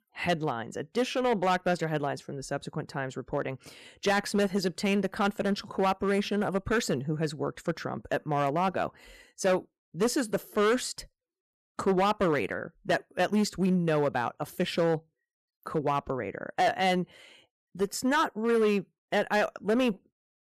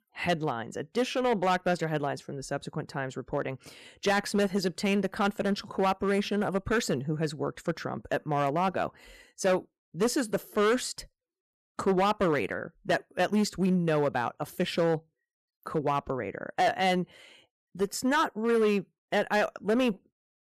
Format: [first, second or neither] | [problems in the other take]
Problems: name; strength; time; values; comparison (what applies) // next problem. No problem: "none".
neither | distortion; slight; 6% of the sound clipped; the same in both